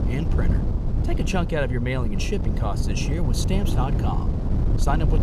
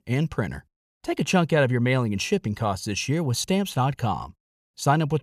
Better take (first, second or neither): second